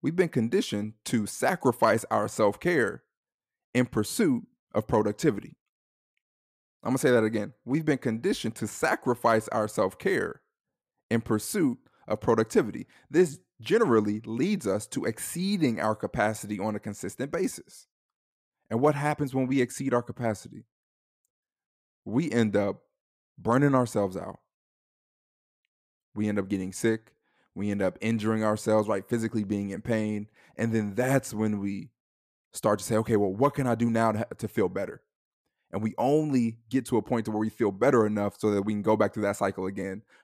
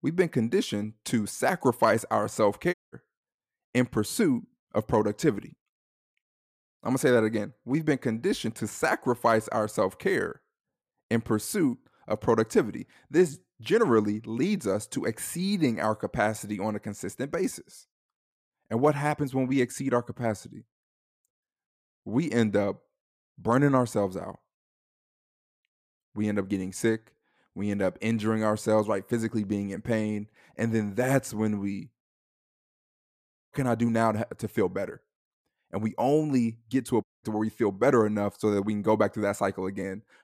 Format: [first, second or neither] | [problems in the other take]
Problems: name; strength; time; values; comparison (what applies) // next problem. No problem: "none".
first | audio cutting out; at 2.5 s, at 32 s for 1.5 s and at 37 s